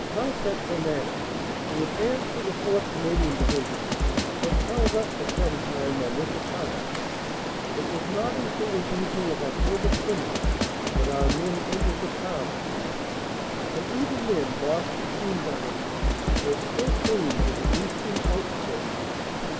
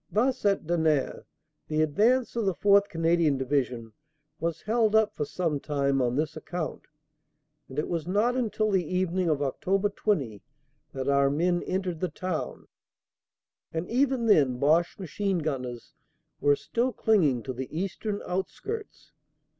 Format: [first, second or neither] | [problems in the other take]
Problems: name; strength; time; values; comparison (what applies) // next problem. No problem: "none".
second | background sound (Drum kit + Stream); 4 dB above the speech